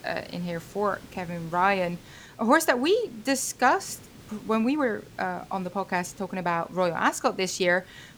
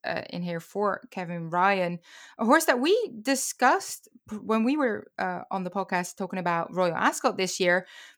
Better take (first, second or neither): second